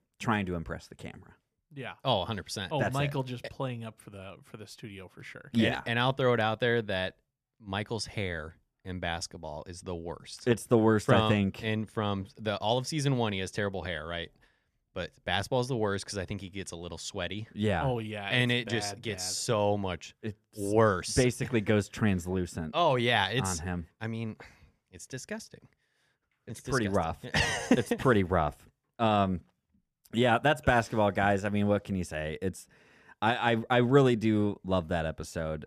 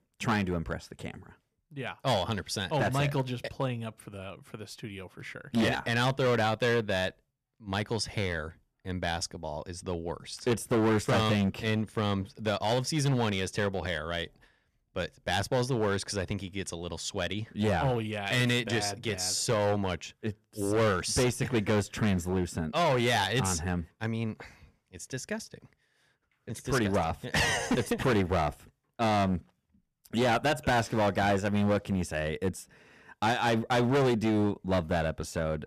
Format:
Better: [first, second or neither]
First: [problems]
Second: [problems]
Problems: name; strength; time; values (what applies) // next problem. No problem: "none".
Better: first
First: none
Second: distortion; heavy; 8% of the sound clipped